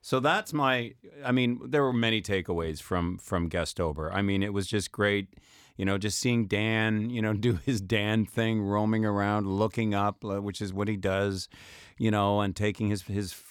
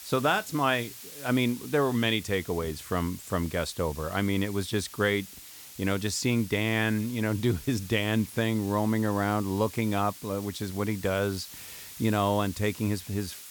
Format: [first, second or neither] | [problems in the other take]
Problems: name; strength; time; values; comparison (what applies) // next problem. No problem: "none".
first | hiss; noticeable; throughout; 15 dB below the speech